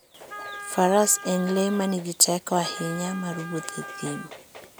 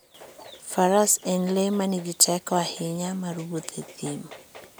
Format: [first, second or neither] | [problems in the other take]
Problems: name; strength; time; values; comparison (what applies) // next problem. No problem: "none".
second | background sound (Wind instrument, woodwind instrument); 14 dB below the speech